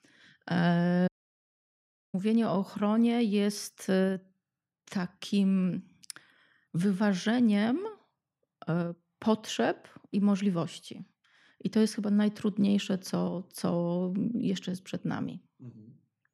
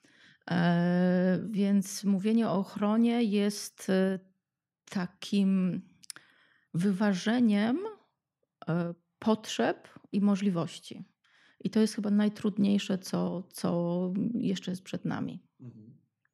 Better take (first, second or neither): second